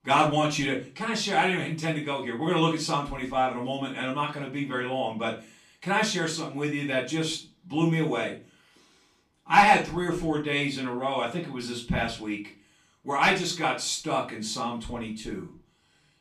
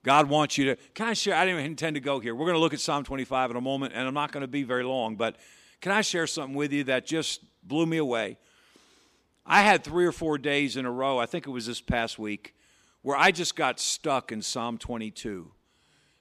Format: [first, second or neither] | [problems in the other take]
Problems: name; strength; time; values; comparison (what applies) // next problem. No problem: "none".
second | off-mic speech; far // room echo; slight; dies away in 0.3 s